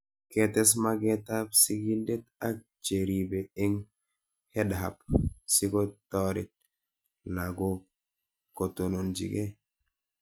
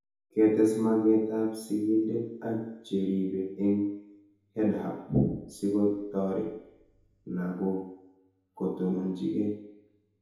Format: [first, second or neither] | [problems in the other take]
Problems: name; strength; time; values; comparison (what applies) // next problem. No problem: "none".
first | room echo; dies away in 2 s